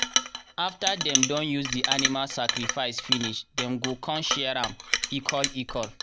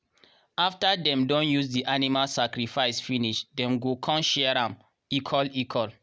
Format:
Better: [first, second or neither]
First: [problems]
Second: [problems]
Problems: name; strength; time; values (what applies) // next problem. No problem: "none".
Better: second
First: background sound (Chink, clink); as loud as the speech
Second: none